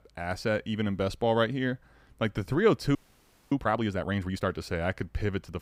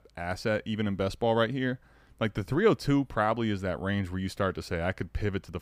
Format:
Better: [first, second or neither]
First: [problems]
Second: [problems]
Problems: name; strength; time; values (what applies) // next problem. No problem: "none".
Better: second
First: audio freezing; at 3 s for 0.5 s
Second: none